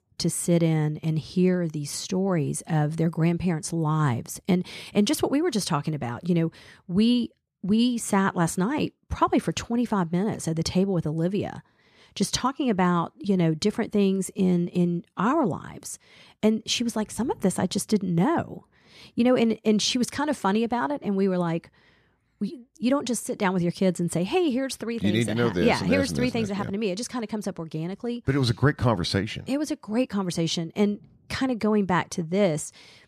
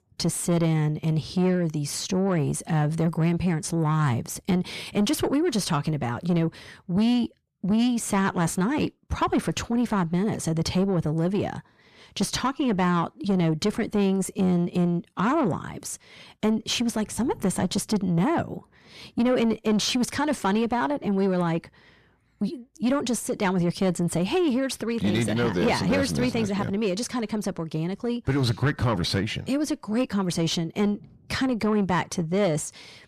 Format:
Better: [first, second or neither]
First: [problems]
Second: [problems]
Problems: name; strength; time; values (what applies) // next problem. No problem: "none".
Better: first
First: none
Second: distortion; slight; 10 dB below the speech